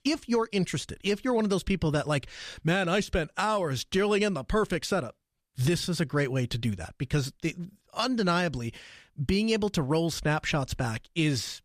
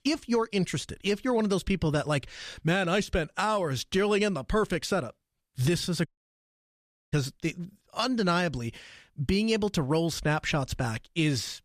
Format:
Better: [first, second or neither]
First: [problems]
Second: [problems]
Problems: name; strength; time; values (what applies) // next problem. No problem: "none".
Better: first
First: none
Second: audio cutting out; at 6 s for 1 s